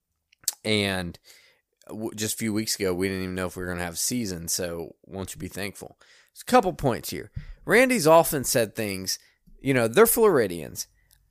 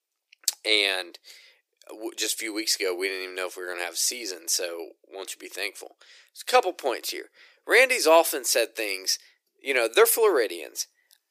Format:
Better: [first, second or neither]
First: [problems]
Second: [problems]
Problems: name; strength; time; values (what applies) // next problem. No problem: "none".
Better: first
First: none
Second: thin; very; fading below 350 Hz